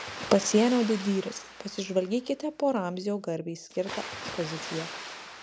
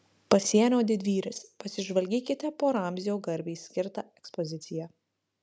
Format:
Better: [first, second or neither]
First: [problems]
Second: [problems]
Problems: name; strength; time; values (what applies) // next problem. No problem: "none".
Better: second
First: background sound (Water); 12 dB below the speech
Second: none